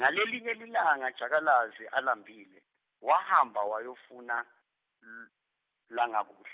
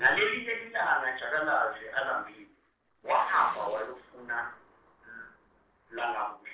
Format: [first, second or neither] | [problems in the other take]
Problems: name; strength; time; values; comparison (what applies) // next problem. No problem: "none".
first | noise reduction (neural separator model SepFormer DNS4)